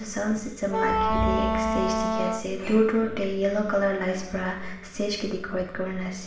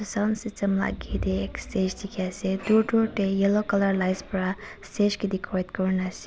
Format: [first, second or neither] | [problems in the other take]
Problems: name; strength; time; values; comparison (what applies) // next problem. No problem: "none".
second | background sound (Wind instrument, woodwind instrument); as loud as the speech // room echo; dies away in 0.7 s